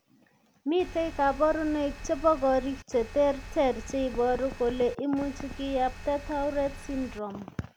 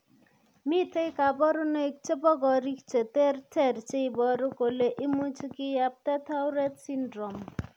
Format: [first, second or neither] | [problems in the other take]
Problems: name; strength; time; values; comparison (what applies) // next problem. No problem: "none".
second | background sound (Engine); 13 dB below the speech